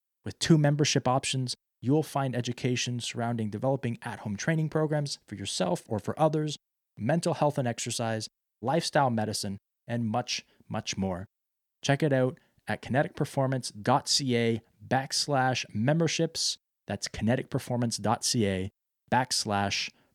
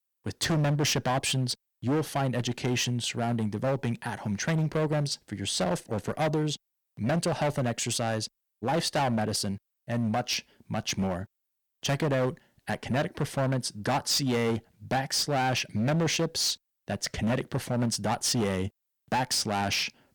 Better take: first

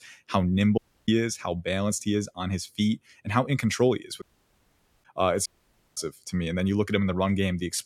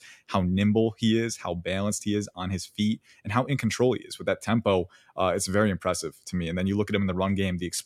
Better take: second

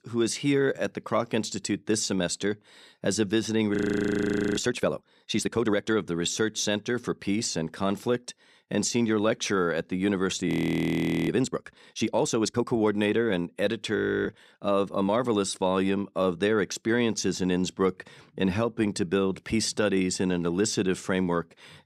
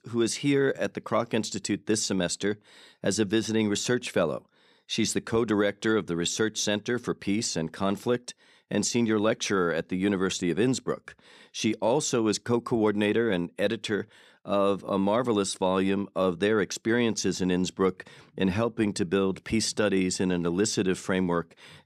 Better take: second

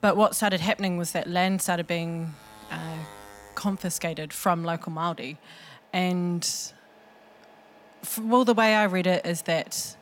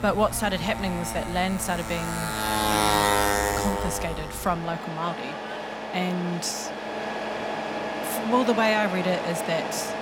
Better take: first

